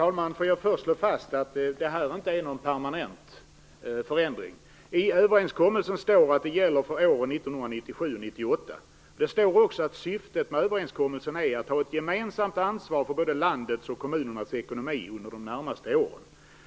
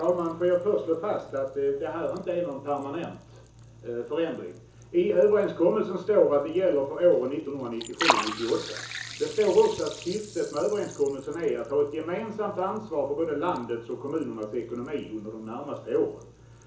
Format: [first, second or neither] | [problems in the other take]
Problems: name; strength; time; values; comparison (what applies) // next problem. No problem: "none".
first | background sound (Liquid); 12 dB below the speech // room echo; dies away in 0.7 s